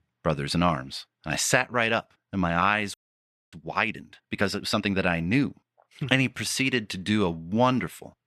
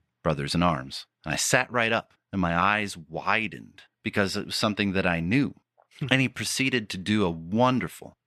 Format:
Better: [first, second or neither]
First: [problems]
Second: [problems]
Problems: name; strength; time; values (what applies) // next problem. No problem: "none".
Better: second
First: audio freezing; at 3 s for 0.5 s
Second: none